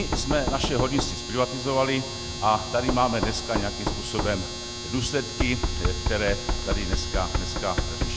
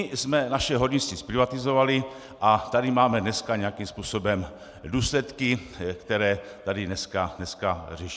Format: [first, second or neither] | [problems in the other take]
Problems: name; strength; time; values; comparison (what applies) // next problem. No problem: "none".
second | background sound (Domestic sounds, home sounds + Knock); 1 dB below the speech